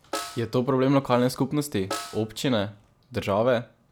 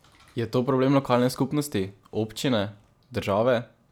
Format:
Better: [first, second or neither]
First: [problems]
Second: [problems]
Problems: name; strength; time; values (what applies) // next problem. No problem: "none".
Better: second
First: background sound (Snare drum); 14 dB below the speech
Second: none